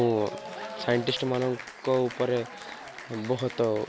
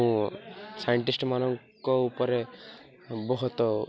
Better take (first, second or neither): second